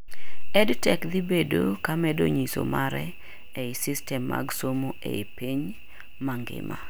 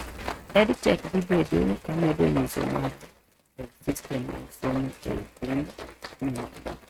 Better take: first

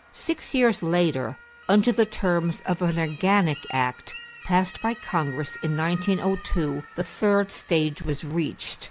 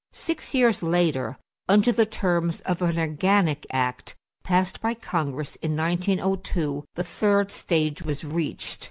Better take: second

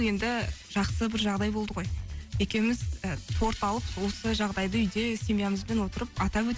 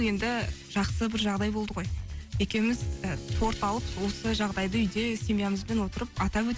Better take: first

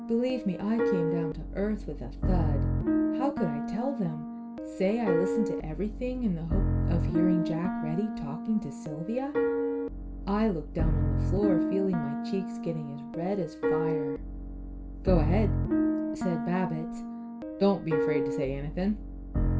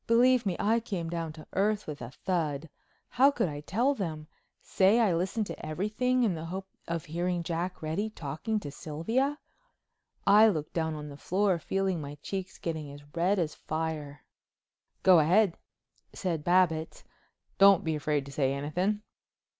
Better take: second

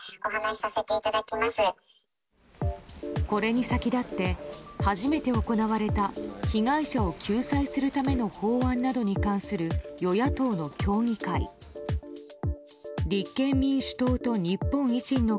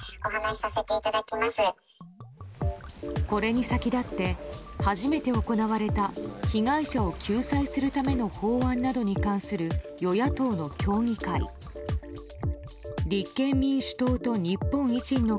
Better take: first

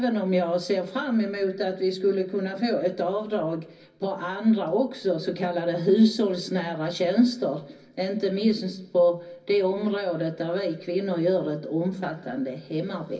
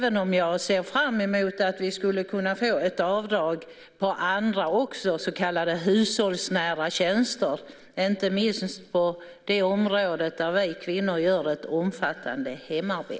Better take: second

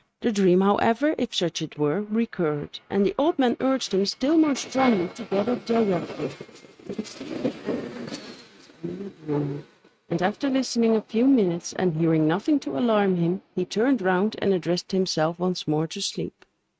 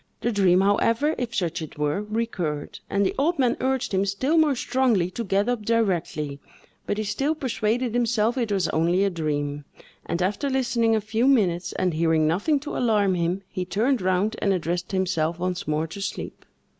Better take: second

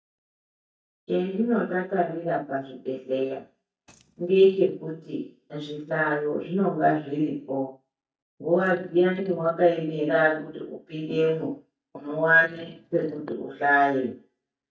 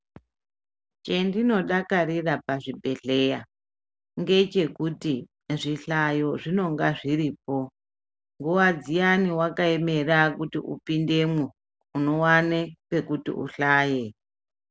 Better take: second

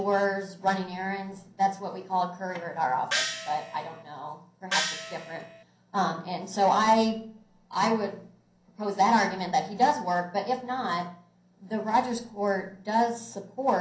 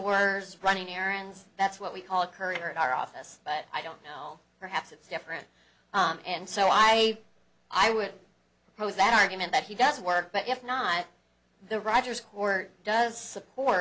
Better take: second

